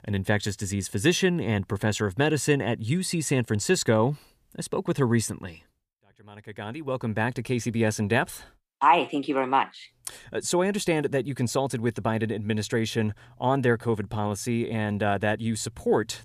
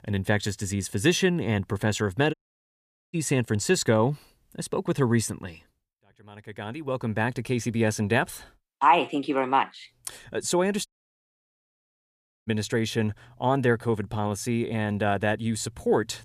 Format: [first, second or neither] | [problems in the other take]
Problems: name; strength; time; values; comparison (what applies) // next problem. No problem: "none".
first | audio cutting out; at 2.5 s for 1 s and at 11 s for 1.5 s